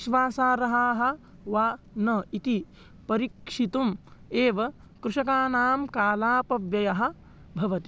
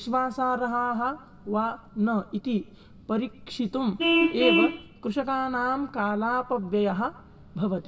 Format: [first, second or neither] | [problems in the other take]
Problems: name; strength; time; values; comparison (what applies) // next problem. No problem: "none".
first | background sound (Vehicle horn, car horn, honking); 4 dB below the speech // room echo; dies away in 0.9 s